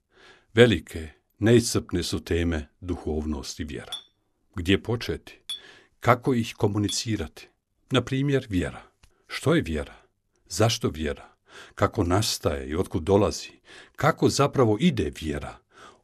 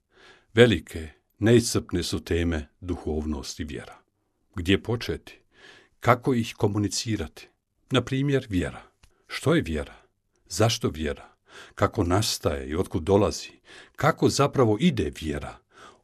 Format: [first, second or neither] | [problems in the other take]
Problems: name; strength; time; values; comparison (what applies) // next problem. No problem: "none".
second | clattering dishes; faint; from 4 to 7 s; peak 10 dB below the speech